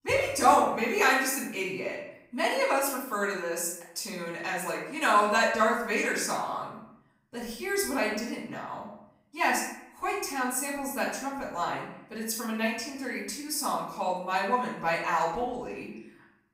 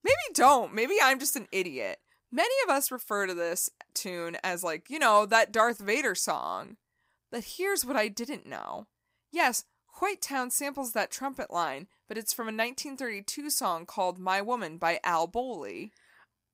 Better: second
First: off-mic speech; far // room echo; noticeable; dies away in 0.8 s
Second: none

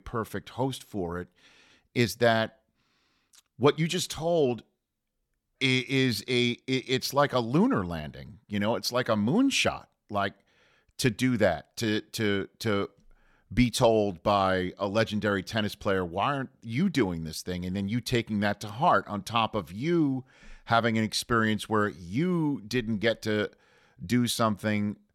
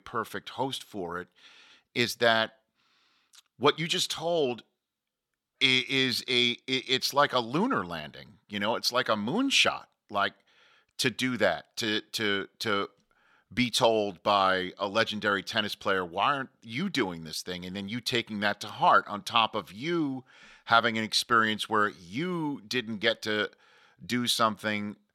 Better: first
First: none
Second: thin; very slightly; fading below 550 Hz

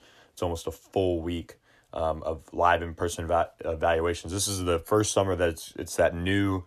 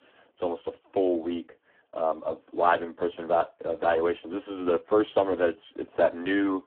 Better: first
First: none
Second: phone-call audio; poor line

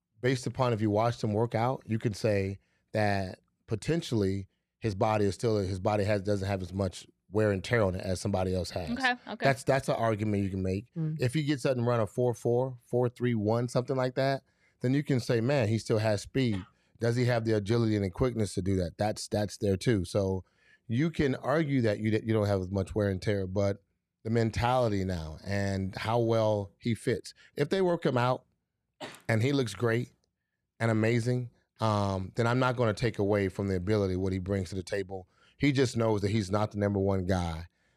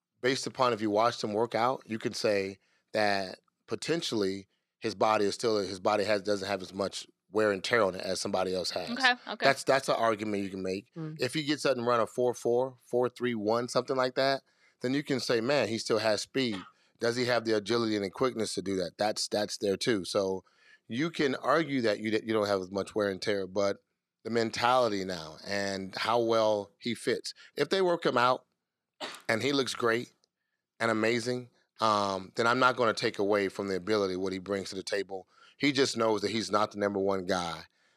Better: first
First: none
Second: thin; somewhat; fading below 250 Hz

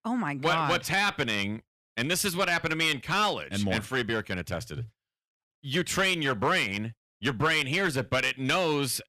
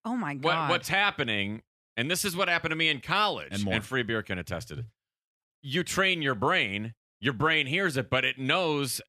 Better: second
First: distortion; slight; 4% of the sound clipped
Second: none

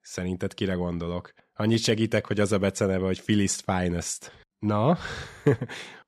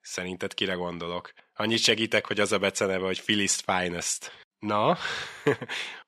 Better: first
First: none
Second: thin; somewhat; fading below 1 kHz

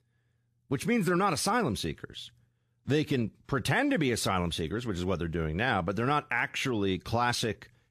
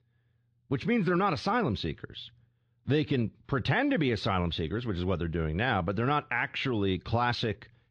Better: first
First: none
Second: muffled; very slightly; fading above 4 kHz

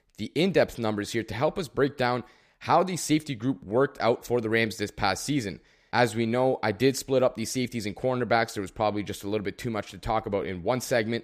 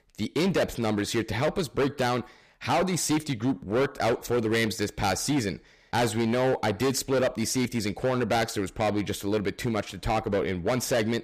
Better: first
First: none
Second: distortion; heavy; 14% of the sound clipped

